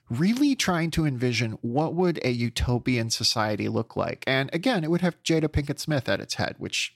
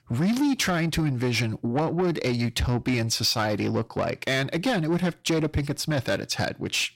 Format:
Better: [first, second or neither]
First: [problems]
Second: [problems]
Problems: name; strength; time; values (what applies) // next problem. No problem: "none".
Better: first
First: none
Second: distortion; slight; 10 dB below the speech